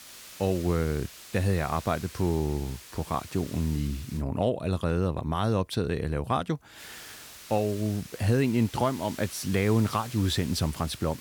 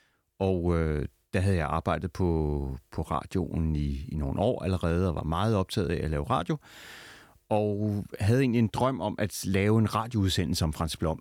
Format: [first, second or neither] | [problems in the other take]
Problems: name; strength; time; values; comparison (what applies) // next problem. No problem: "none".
second | hiss; noticeable; until 4 s and from 7 s on; 15 dB below the speech